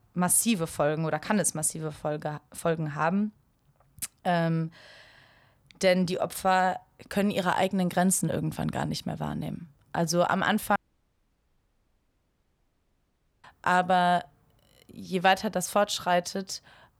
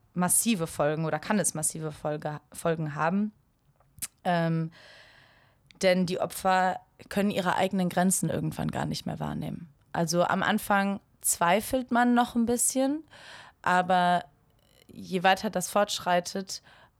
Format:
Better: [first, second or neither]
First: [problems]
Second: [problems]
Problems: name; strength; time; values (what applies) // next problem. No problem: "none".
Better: second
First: audio cutting out; at 11 s for 2.5 s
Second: none